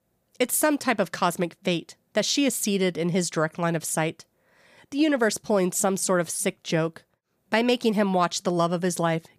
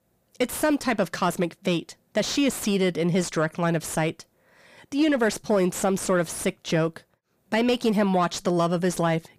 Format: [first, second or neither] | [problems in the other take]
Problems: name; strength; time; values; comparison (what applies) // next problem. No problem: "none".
first | distortion; slight; 10 dB below the speech